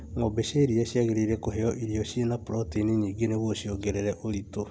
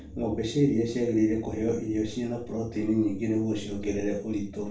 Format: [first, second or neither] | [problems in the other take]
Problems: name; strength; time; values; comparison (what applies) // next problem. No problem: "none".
first | room echo; dies away in 0.3 s